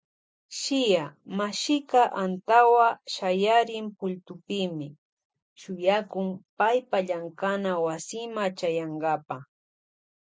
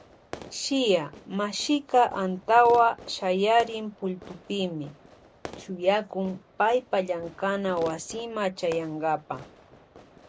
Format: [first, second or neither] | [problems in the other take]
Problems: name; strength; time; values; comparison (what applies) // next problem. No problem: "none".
first | background sound (Fireworks); 20 dB below the speech